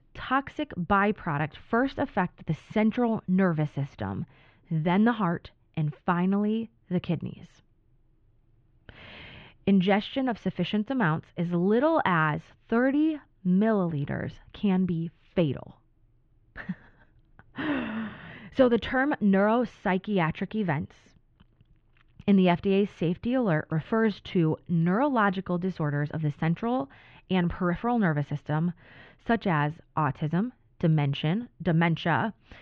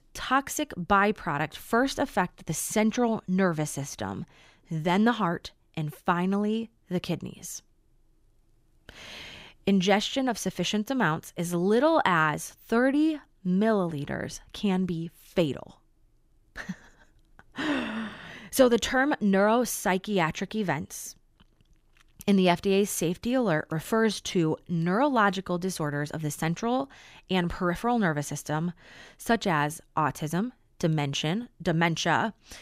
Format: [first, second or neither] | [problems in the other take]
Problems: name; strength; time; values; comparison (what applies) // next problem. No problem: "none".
second | muffled; very; fading above 3 kHz